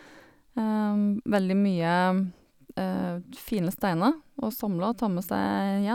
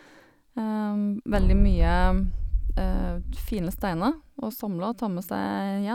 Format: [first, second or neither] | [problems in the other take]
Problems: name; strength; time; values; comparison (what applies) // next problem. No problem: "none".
first | background sound (Boom); 5 dB above the speech